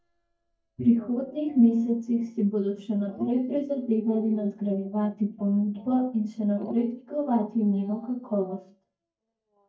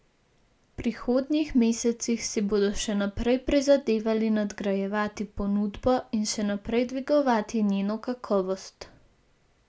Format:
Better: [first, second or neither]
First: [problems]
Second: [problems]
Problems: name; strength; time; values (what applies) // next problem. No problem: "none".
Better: second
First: noise reduction (neural mask model DeepFilterNet 3)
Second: none